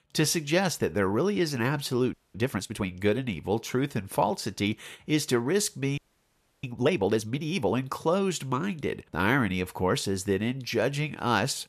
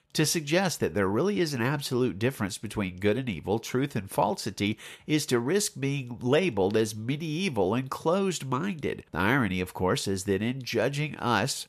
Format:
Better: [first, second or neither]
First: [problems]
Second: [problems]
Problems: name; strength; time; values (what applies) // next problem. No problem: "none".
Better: second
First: audio freezing; at 2 s and at 6 s for 0.5 s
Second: none